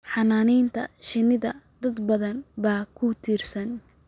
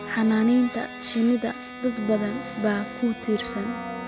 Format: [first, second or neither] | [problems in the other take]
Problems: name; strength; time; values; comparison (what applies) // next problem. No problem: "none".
first | background sound (Bowed string instrument + Brass instrument); 11 dB below the speech